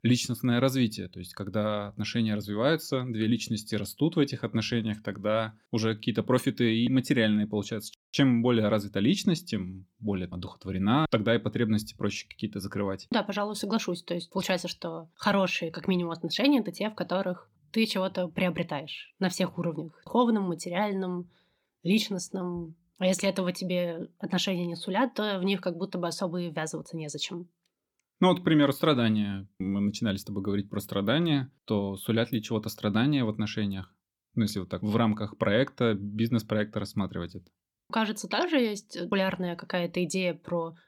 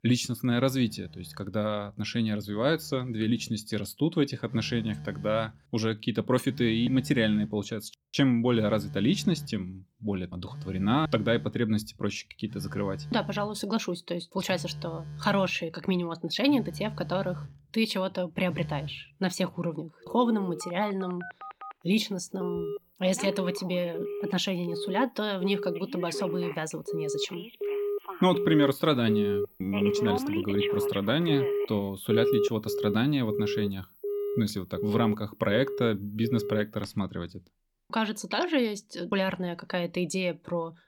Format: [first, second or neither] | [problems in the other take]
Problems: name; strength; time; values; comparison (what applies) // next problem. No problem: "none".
first | alarms or sirens; loud; throughout; 6 dB below the speech